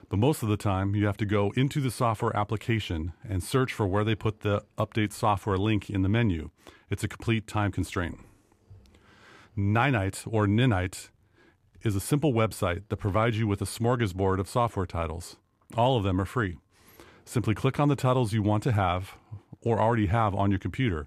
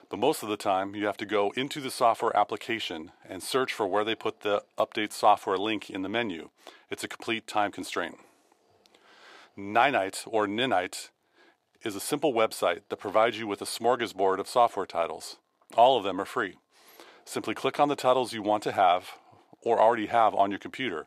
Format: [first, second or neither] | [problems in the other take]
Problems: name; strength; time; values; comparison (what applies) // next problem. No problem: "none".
first | thin; very; fading below 450 Hz